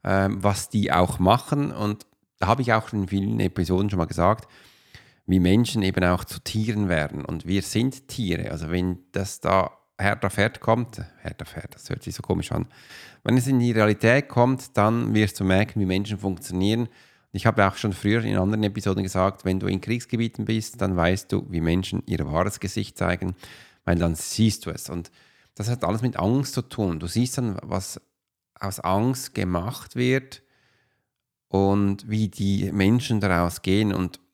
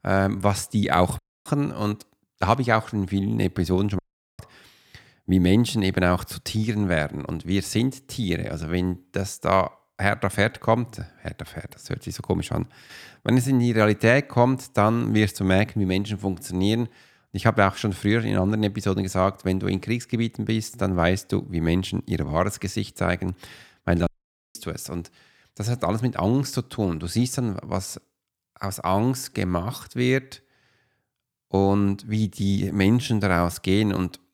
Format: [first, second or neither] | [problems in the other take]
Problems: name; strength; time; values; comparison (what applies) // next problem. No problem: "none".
first | audio cutting out; at 1 s, at 4 s and at 24 s